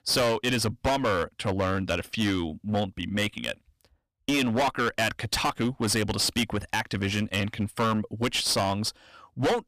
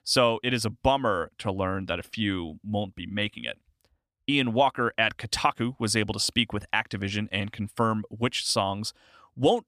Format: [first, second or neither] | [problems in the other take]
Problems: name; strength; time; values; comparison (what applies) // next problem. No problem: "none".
second | distortion; heavy; 16% of the sound clipped